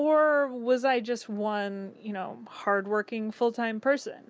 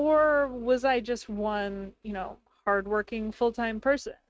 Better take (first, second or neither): first